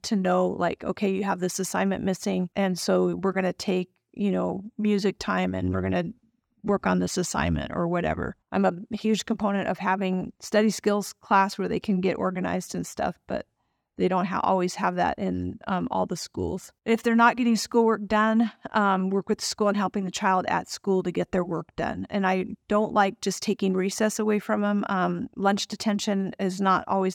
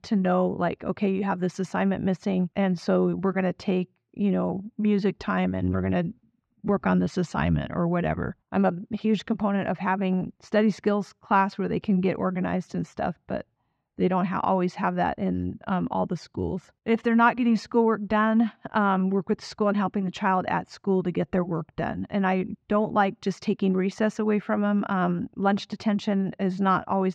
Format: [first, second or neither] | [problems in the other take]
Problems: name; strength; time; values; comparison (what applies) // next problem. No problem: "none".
first | muffled; slightly; fading above 3 kHz